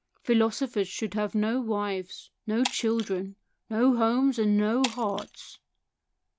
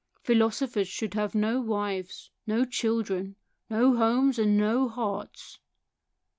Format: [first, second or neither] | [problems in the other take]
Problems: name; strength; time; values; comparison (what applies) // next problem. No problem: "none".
second | background sound (Shatter); 14 dB below the speech